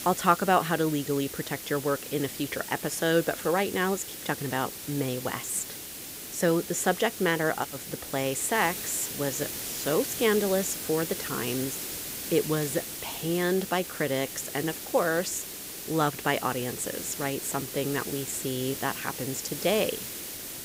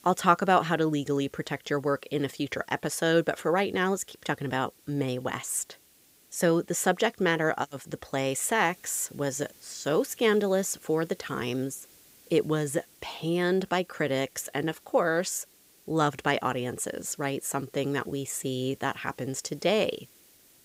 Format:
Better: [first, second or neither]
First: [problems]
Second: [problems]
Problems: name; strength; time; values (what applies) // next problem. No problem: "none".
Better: second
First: hiss; loud; throughout; 6 dB below the speech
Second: hiss; faint; throughout; 25 dB below the speech